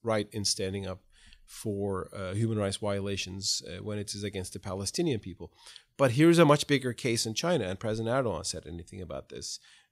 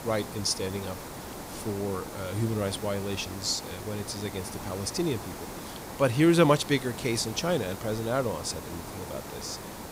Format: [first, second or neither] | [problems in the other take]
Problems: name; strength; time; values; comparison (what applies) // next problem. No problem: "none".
first | hiss; noticeable; throughout; 10 dB below the speech